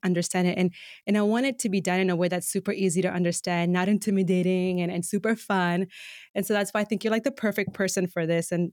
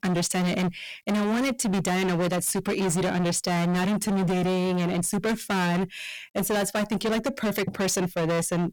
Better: first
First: none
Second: distortion; heavy; 36% of the sound clipped

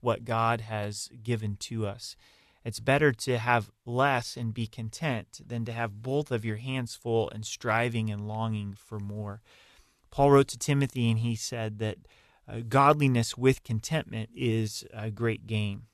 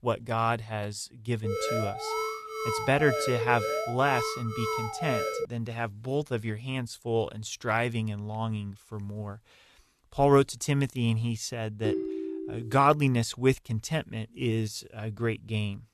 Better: first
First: none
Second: alarm; noticeable; from 1.5 to 5.5 s; peak 1 dB below the speech // phone ringing; noticeable; at 12 s; peak 2 dB below the speech

